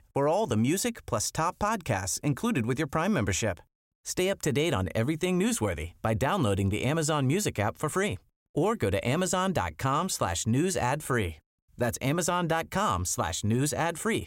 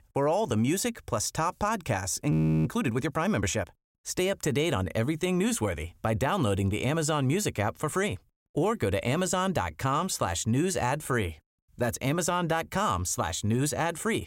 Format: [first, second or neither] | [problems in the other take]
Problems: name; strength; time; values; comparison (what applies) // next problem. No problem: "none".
first | audio freezing; at 2.5 s